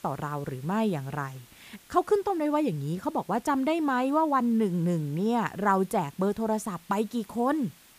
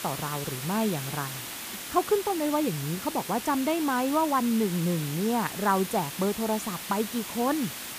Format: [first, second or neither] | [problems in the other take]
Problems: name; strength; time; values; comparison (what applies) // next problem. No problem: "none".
first | hiss; loud; throughout; 7 dB below the speech; faint in the first